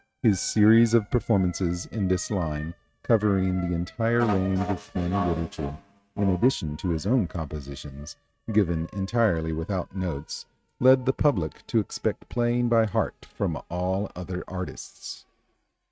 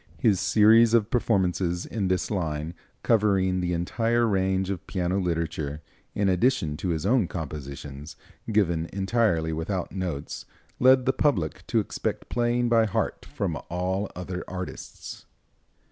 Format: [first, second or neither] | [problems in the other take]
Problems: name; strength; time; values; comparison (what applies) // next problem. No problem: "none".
second | noise reduction (neural mask model RNNoise)